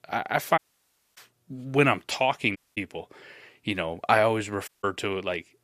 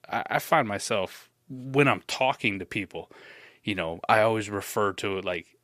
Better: second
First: audio cutting out; at 0.5 s for 0.5 s, at 2.5 s and at 4.5 s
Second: none

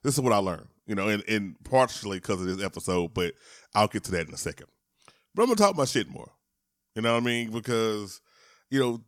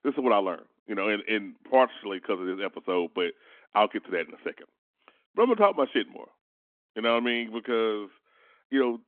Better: first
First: none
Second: phone-call audio

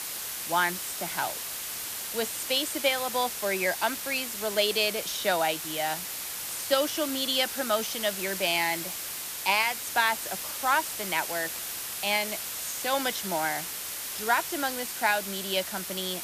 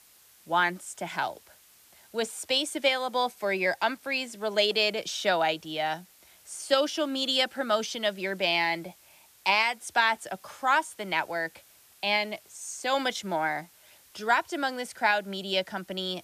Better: second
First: hiss; loud; throughout; 4 dB below the speech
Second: hiss; faint; throughout; 25 dB below the speech

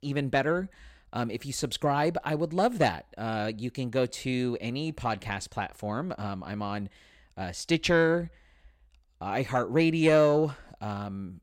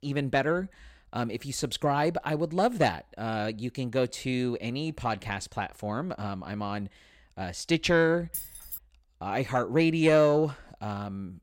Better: first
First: none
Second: jangling keys; noticeable; at 8.5 s; peak 8 dB below the speech

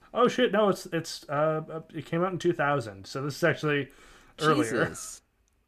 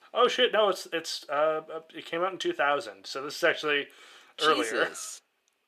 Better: first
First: none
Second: thin; somewhat; fading below 500 Hz

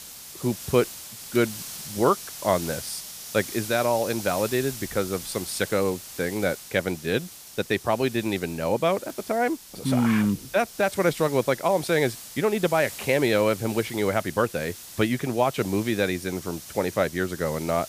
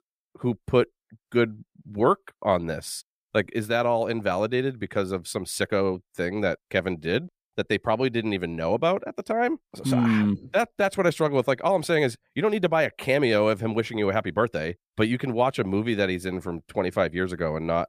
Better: second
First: hiss; noticeable; throughout; 10 dB below the speech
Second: none

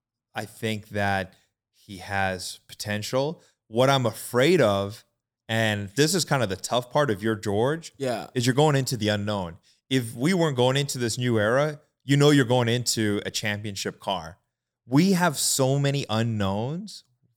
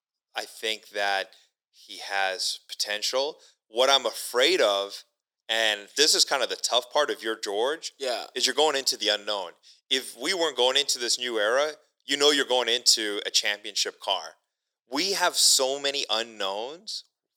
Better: first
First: none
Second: thin; very; fading below 400 Hz

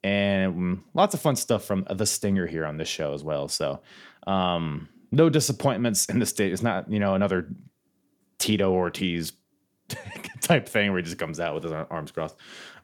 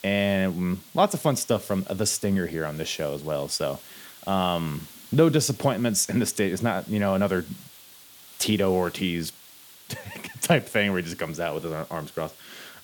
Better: first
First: none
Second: hiss; noticeable; throughout; 20 dB below the speech

